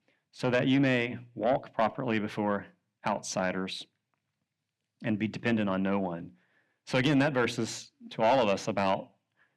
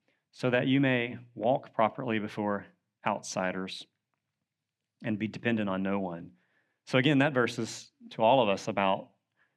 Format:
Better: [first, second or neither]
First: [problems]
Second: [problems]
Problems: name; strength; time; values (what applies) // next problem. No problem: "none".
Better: second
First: distortion; slight; 10 dB below the speech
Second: none